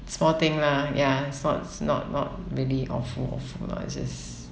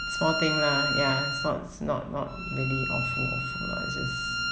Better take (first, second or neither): first